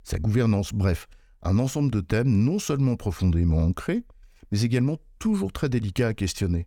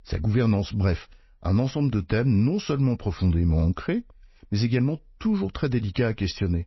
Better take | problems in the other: first | garbled, watery; slightly; nothing above 5.5 kHz

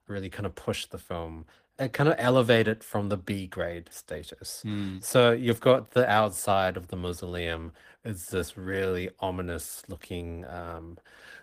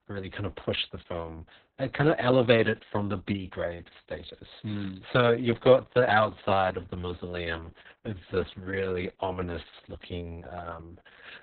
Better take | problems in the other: first | garbled, watery; badly; nothing above 4 kHz; slightly in the first

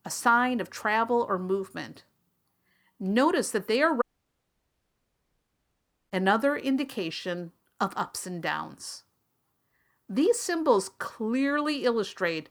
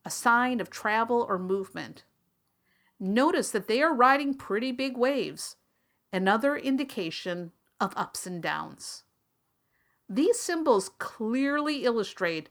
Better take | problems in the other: second | audio cutting out; at 4 s for 2 s

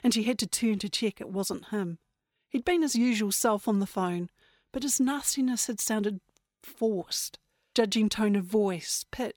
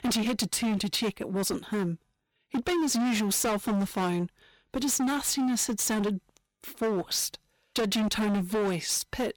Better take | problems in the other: first | distortion; heavy; 24% of the sound clipped

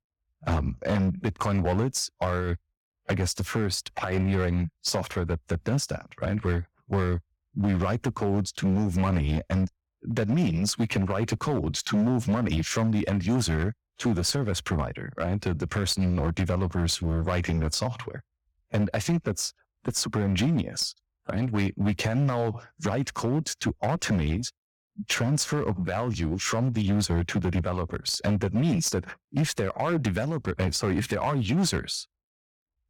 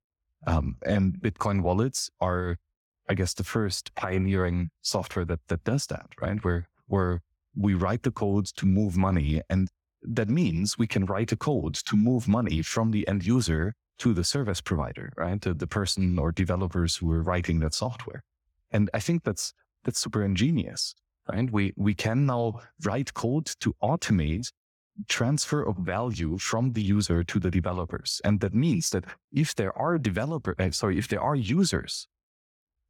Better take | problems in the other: second | distortion; slight; 10% of the sound clipped

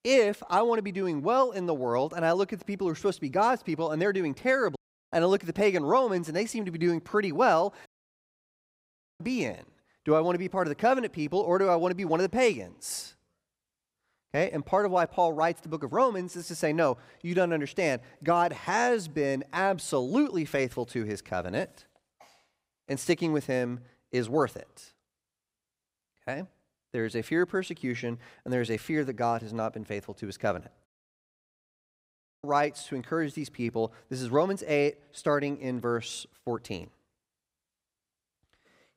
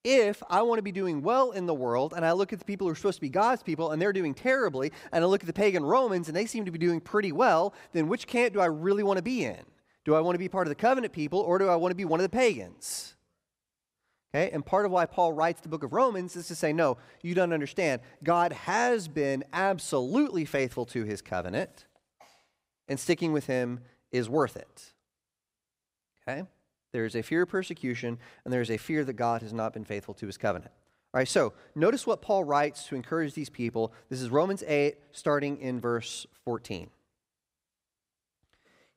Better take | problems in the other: second | audio cutting out; at 5 s, at 8 s for 1.5 s and at 31 s for 1.5 s

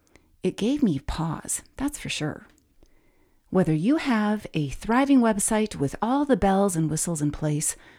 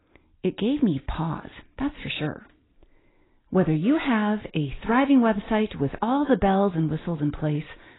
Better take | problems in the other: first | garbled, watery; badly; nothing above 4 kHz

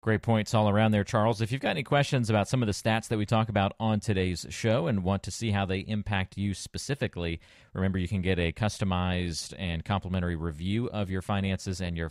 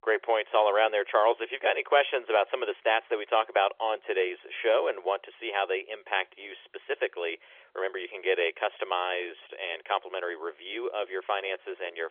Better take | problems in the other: first | phone-call audio; nothing above 3.5 kHz

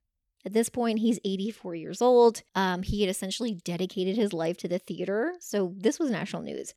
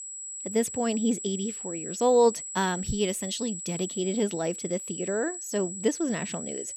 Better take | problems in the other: first | high-pitched whine; loud; throughout; 7.5 kHz, 7 dB below the speech

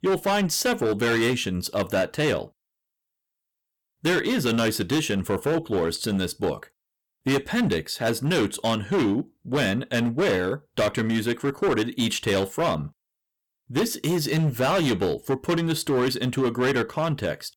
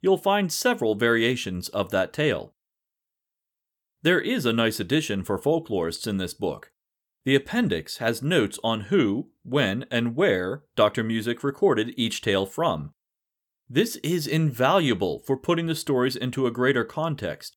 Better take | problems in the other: second | distortion; heavy; 14% of the sound clipped

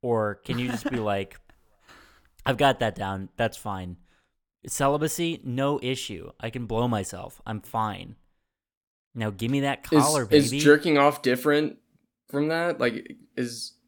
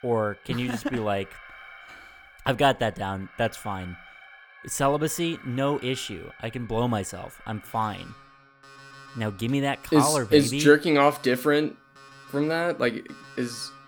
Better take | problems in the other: first | alarms or sirens; faint; throughout; 20 dB below the speech

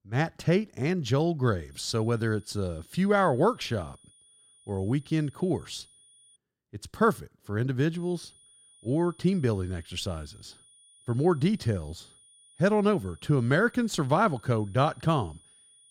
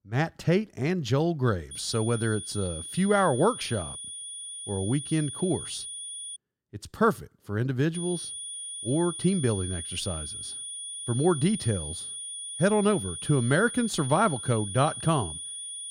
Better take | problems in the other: first | high-pitched whine; loud; from 1.5 to 6.5 s and from 8 s on; 9.5 kHz, 8 dB below the speech; faint in the first

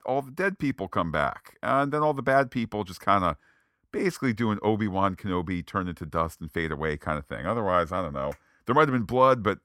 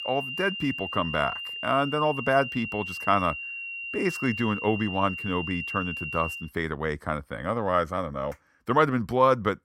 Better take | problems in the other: first | high-pitched whine; loud; until 6.5 s; 3 kHz, 6 dB below the speech

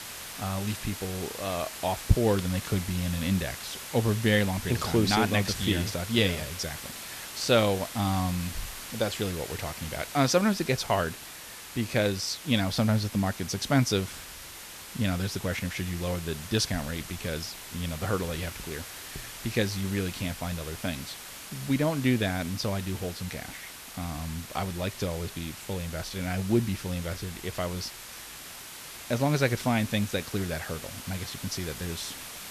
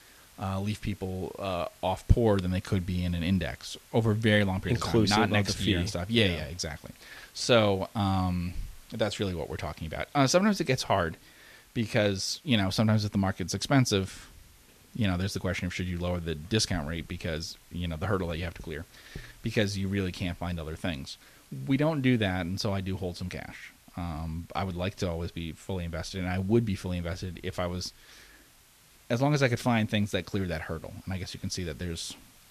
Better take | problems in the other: second | hiss; loud; throughout; 10 dB below the speech; faint in the second

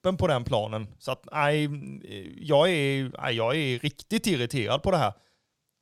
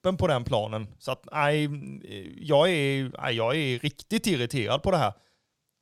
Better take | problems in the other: neither | none

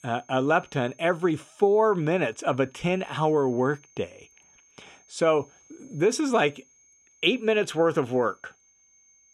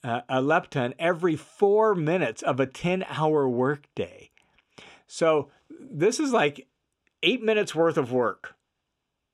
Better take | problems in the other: second | high-pitched whine; faint; throughout; 6.5 kHz, 30 dB below the speech

